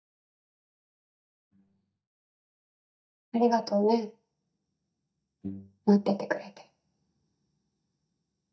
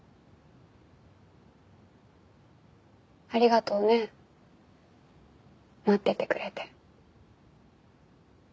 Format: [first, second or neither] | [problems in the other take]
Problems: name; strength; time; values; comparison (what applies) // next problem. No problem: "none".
second | noise reduction (neural mask model DeepFilterNet 3)